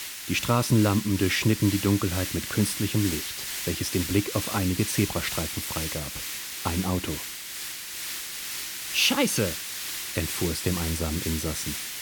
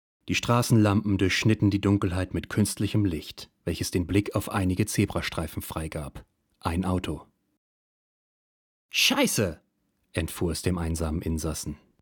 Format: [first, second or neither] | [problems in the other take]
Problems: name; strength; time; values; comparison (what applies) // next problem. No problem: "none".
second | hiss; loud; throughout; 5 dB below the speech